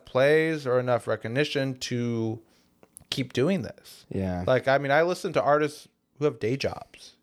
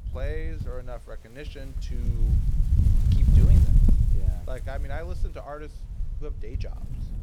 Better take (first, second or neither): first